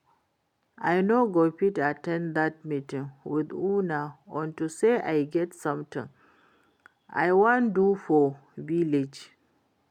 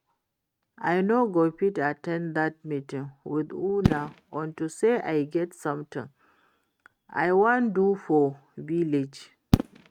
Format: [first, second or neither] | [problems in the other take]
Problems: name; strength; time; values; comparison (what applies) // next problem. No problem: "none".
first | noise reduction (neural mask model RNNoise)